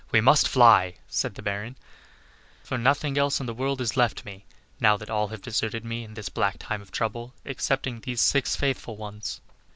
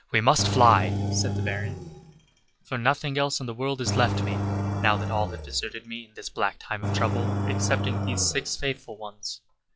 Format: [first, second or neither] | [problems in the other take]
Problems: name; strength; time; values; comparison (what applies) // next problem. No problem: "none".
first | noise reduction (classical method log-MMSE)